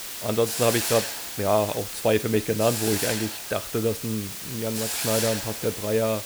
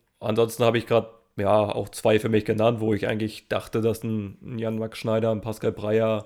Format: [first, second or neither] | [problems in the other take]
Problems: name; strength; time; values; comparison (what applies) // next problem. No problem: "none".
second | hiss; loud; throughout; 3 dB below the speech